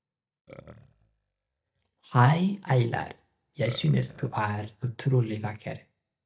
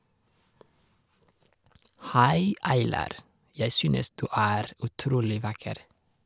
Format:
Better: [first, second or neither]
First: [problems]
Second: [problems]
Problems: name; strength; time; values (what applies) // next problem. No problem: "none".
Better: second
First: noise reduction (neural mask model DeepFilterNet 3)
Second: none